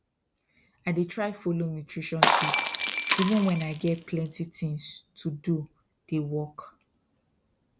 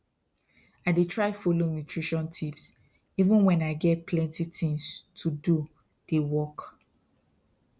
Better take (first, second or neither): second